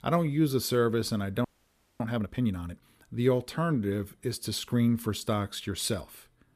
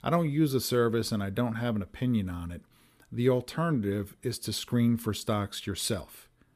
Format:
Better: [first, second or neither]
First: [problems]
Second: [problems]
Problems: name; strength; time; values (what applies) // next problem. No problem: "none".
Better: second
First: audio freezing; at 1.5 s for 0.5 s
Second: none